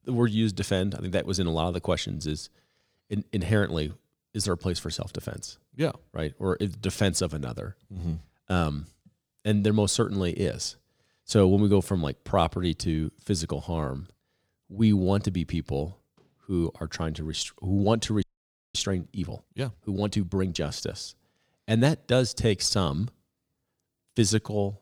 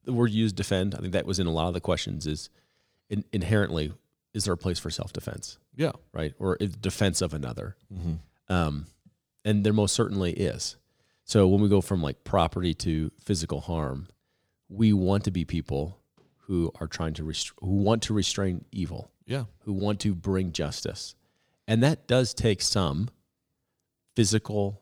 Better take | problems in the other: second | audio freezing; at 18 s for 0.5 s

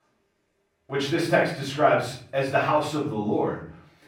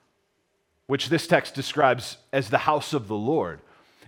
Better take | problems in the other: second | off-mic speech; far // room echo; noticeable; dies away in 0.5 s

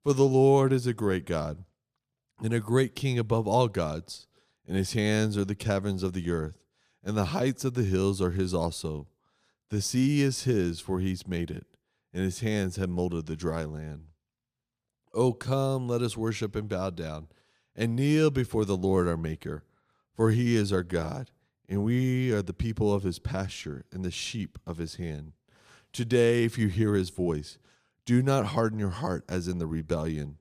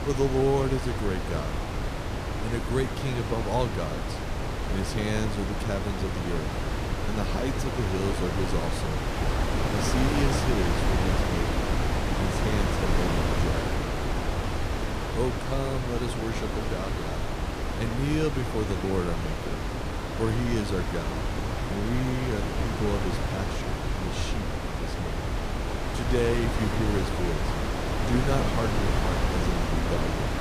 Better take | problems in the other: first | wind noise on the microphone; heavy; 2 dB above the speech

